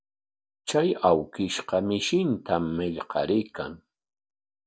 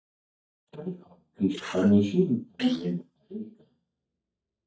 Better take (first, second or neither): first